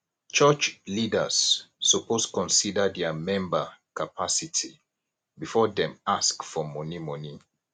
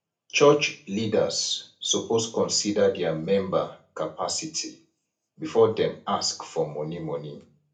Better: first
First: none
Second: room echo; dies away in 0.3 s

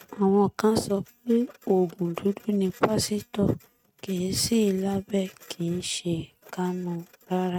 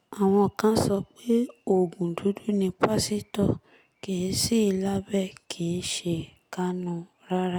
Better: second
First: noise reduction (neural mask model RNNoise)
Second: none

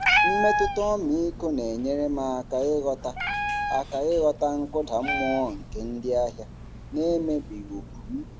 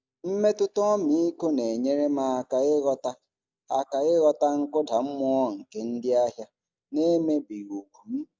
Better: second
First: background sound (Meow); 3 dB below the speech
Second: none

